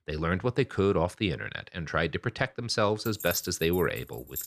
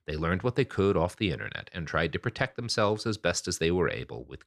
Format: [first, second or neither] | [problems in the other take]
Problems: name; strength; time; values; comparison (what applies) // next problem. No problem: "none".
second | jangling keys; noticeable; from 3 s on; peak 7 dB below the speech